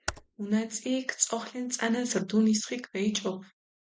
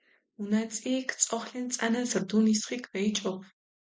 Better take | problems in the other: second | background sound (Computer keyboard); 13 dB below the speech

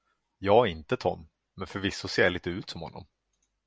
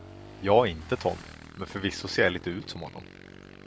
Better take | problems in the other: first | background sound (Motorcycle / Engine); 16 dB below the speech

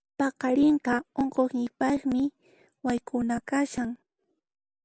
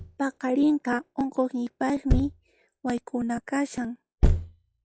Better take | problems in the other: first | noise reduction (classical method log-MMSE)

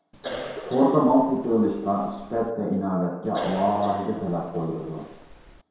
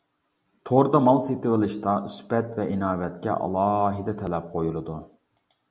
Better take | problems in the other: second | background sound (Cough); 13 dB below the speech // room echo; dies away in 0.7 s

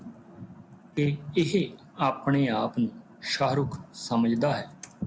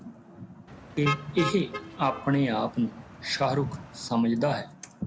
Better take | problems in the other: first | background sound (Motor vehicle (road)); 10 dB below the speech

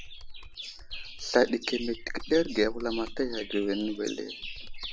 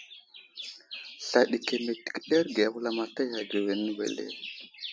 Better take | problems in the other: second | background sound (Computer keyboard); 10 dB below the speech

